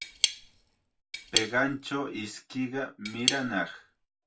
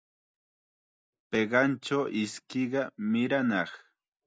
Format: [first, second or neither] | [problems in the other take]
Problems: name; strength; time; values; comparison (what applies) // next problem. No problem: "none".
second | background sound (Cutlery, silverware / Tap); as loud as the speech // room echo; dies away in 0.2 s